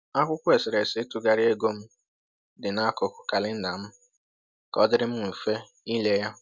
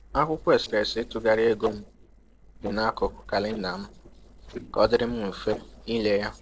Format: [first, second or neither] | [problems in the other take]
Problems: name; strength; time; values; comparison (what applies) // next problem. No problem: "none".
first | noise reduction (neural separator model SepFormer DNS4)